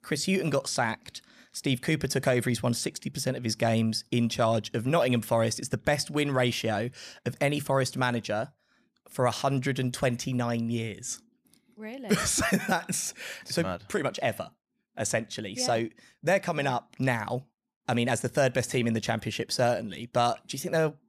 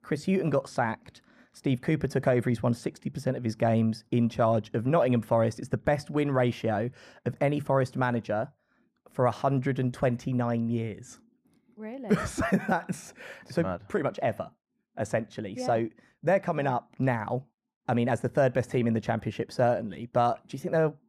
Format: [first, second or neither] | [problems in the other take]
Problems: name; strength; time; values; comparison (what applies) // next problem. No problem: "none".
first | muffled; slightly; fading above 2.5 kHz